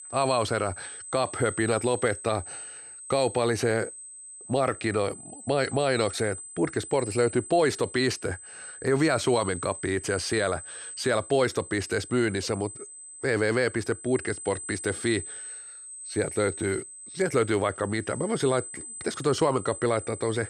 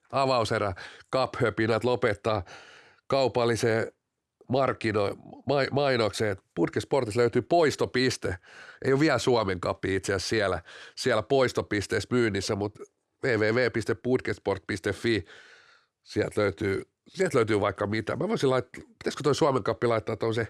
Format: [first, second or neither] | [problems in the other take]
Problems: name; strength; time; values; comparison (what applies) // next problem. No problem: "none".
second | high-pitched whine; noticeable; throughout; 8 kHz, 10 dB below the speech